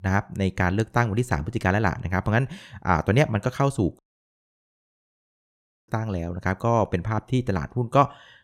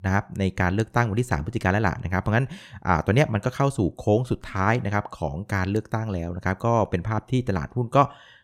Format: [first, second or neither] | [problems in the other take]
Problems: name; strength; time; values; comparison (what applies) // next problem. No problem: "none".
second | audio cutting out; at 4 s for 2 s